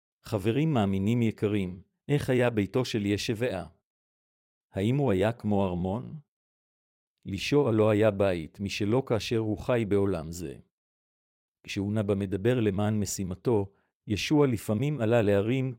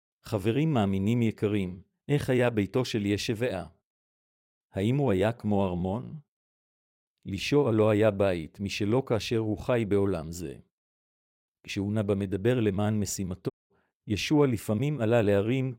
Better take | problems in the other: first | audio cutting out; at 14 s

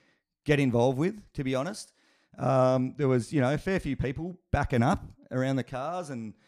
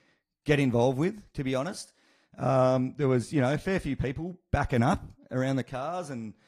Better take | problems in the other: first | garbled, watery; slightly; nothing above 14.5 kHz

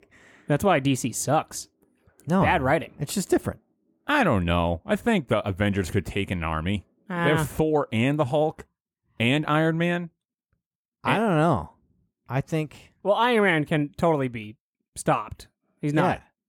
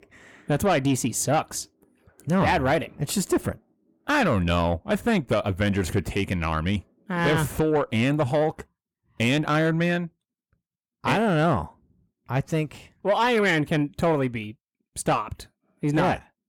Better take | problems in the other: first | distortion; slight; 10 dB below the speech

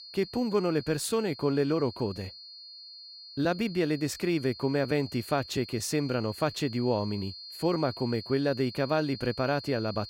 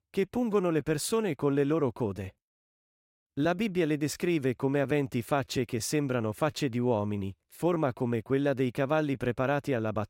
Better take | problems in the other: second | high-pitched whine; noticeable; throughout; 4.5 kHz, 15 dB below the speech

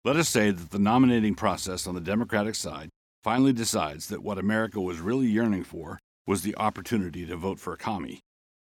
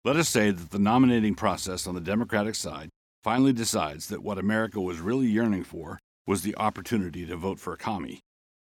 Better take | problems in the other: neither | none

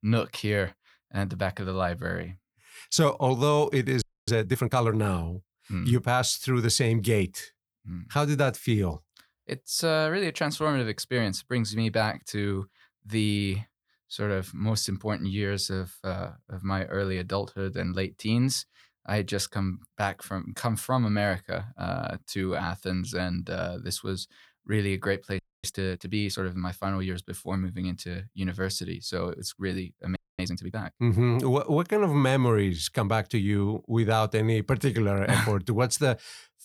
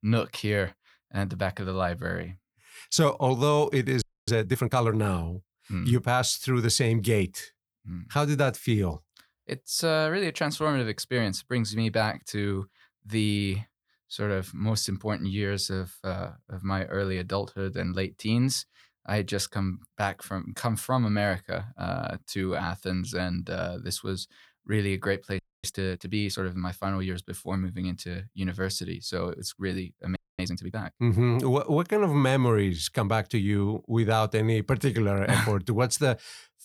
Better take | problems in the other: neither | audio freezing; at 4 s, at 25 s and at 30 s; the same in both

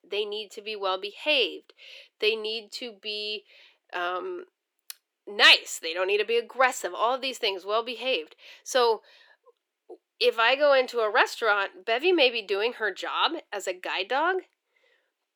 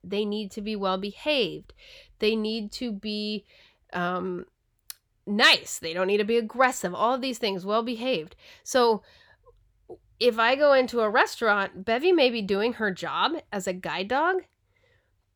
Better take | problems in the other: second | thin; somewhat; fading below 300 Hz

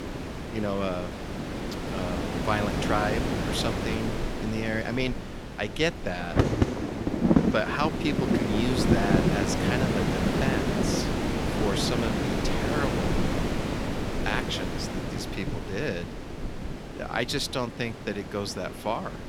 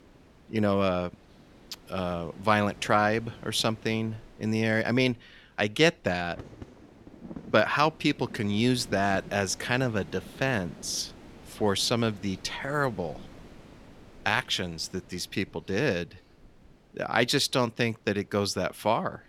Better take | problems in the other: second | wind noise on the microphone; heavy; as loud as the speech; occasional gusts in the second

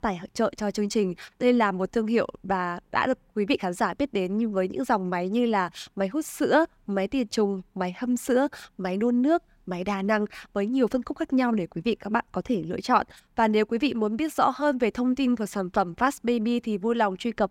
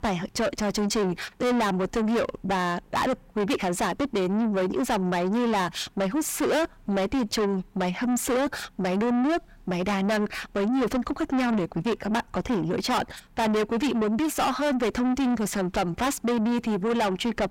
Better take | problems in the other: first | distortion; heavy; 5 dB below the speech

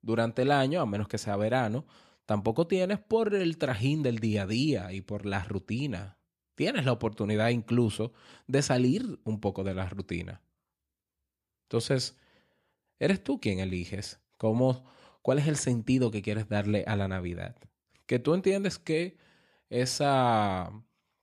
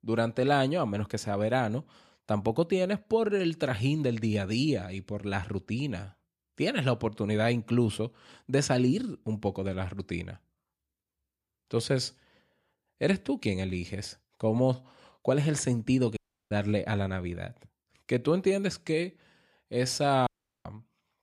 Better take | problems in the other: first | audio cutting out; at 16 s and at 20 s

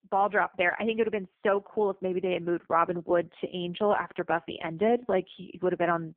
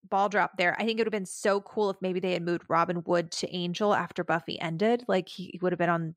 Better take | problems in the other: second | phone-call audio; poor line; nothing above 3.5 kHz

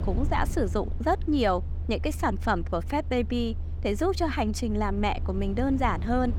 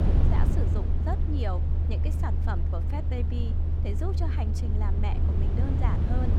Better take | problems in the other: first | low rumble; loud; throughout; 2 dB below the speech; faint in the first

